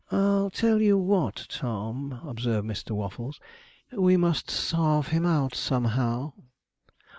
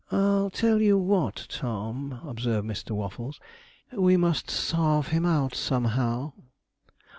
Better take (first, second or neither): second